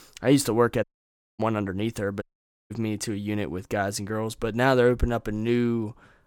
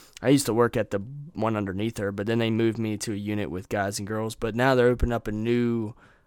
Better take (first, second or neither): second